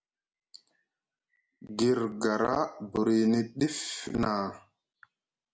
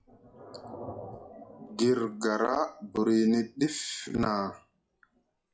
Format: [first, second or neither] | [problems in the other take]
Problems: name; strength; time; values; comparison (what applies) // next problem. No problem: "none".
first | noise reduction (classical method log-MMSE)